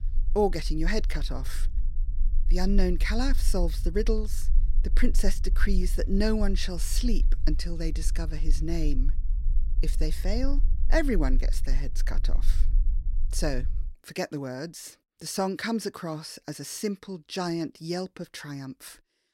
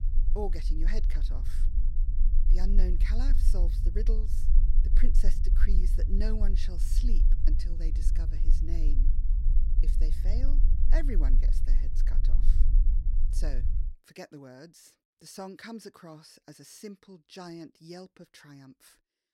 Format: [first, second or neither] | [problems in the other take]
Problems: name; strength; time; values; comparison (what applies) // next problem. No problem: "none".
first | low rumble; loud; until 14 s; 8 dB below the speech; faint in the first